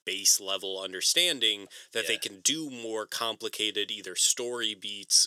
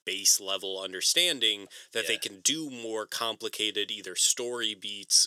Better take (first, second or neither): neither